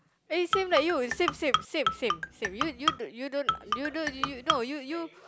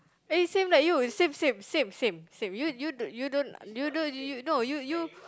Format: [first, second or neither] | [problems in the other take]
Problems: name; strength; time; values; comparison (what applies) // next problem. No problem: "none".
second | background sound (Marimba, xylophone); as loud as the speech